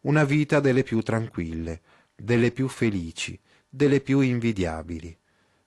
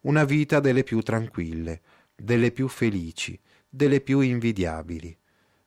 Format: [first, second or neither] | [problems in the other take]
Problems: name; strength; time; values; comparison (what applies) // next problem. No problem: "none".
second | garbled, watery; slightly